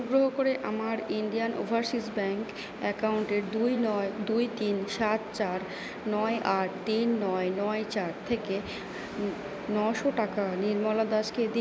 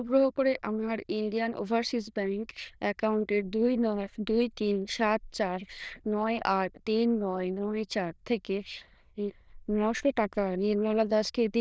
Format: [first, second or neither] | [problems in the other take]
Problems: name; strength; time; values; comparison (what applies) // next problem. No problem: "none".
first | noise reduction (neural diffusion model UNIVERSE++)